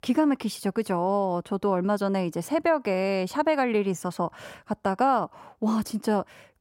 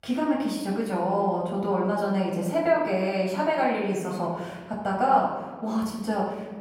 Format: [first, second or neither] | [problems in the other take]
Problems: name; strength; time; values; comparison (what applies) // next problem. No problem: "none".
first | off-mic speech; far // room echo; noticeable; dies away in 1.3 s